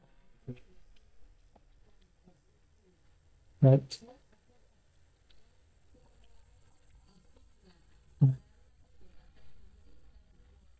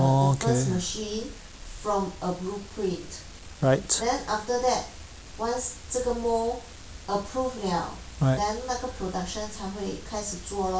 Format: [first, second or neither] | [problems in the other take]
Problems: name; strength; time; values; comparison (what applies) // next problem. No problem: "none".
second | noise reduction (neural mask model DeepFilterNet 3)